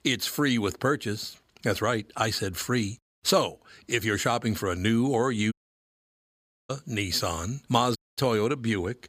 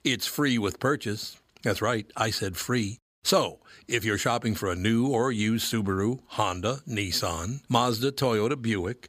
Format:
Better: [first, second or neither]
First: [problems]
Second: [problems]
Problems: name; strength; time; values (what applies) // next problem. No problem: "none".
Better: second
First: audio cutting out; at 5.5 s for 1 s and at 8 s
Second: none